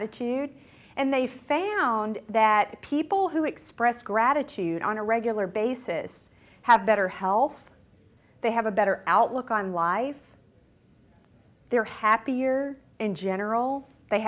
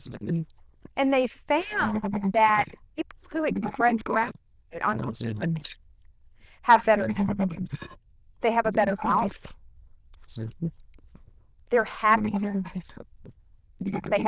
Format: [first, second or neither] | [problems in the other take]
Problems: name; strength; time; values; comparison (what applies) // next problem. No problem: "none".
first | noise reduction (neural diffusion model UNIVERSE++)